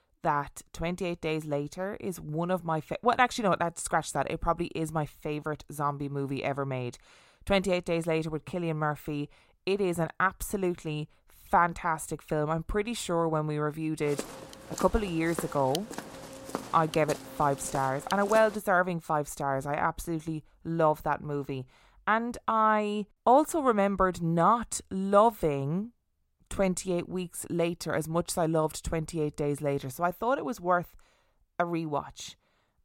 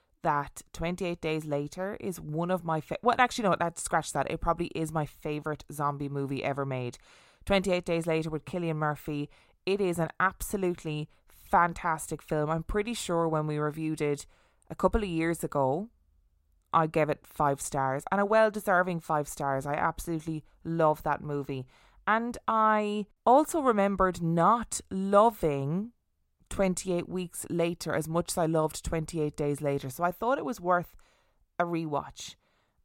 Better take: second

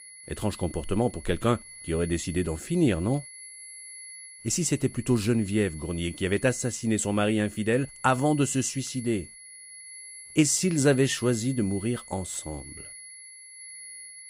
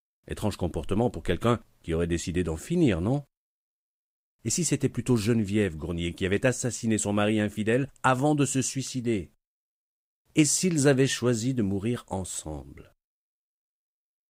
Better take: second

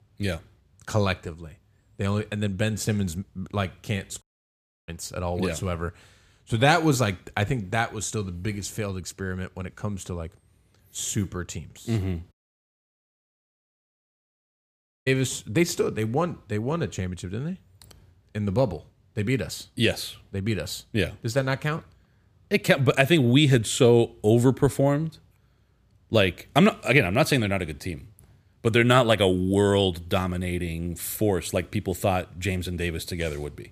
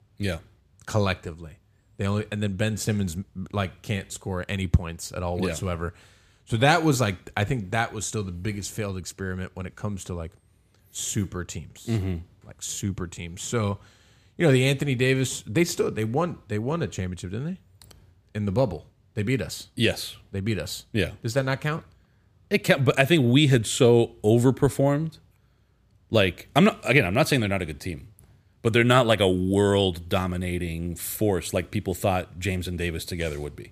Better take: second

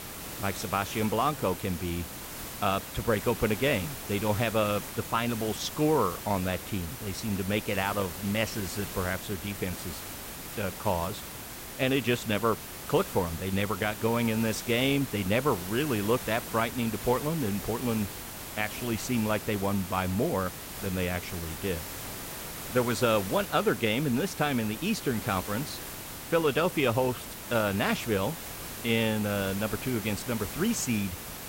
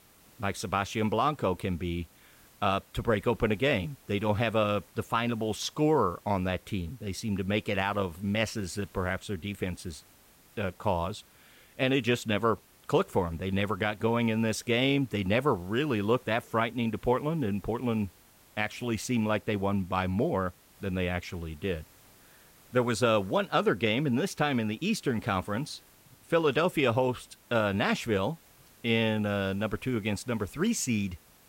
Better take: second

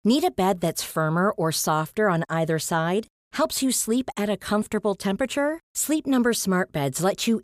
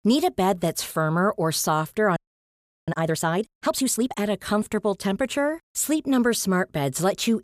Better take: first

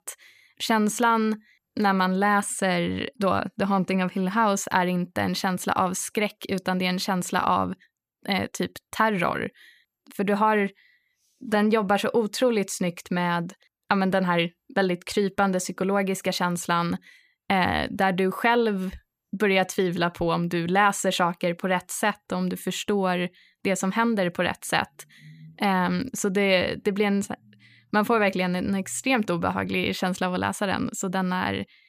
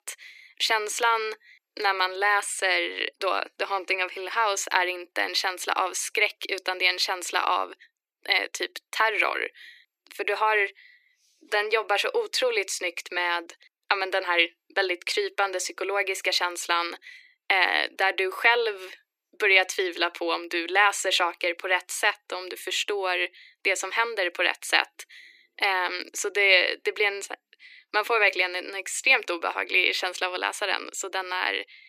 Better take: first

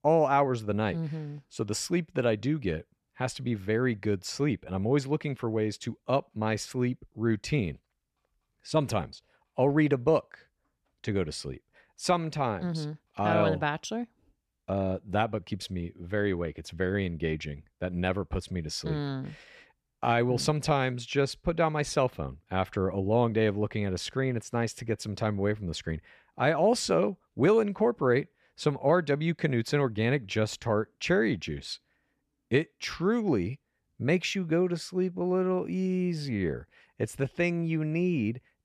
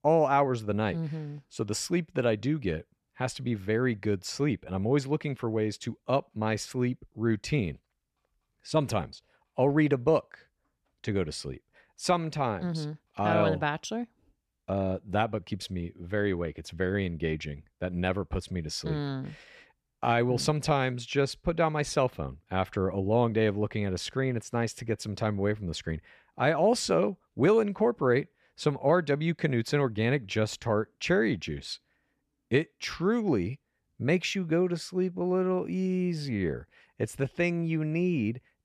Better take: neither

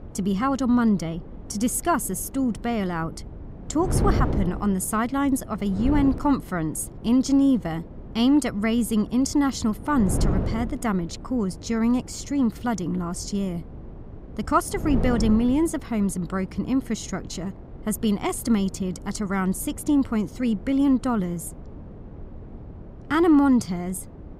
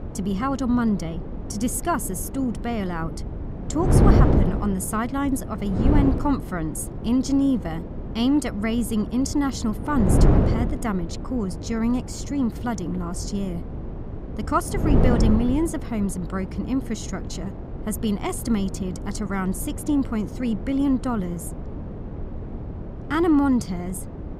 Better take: first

